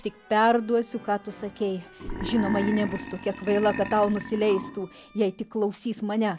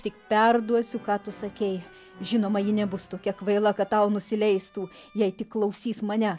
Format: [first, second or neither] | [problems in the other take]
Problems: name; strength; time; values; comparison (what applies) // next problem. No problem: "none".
second | background sound (Burping, eructation); 8 dB below the speech